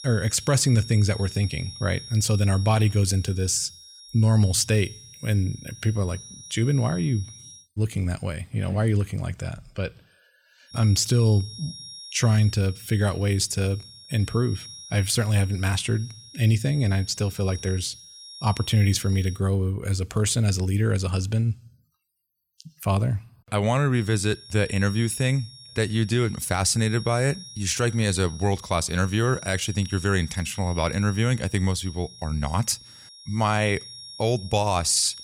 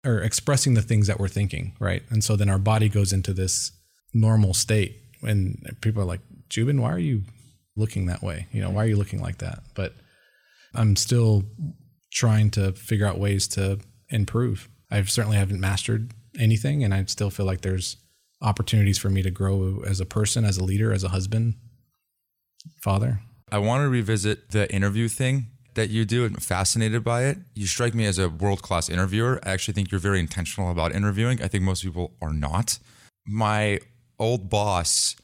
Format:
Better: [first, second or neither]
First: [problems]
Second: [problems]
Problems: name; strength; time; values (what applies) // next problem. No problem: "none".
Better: second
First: high-pitched whine; noticeable; until 7.5 s, from 11 to 19 s and from 24 s on; 5.5 kHz, 15 dB below the speech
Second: none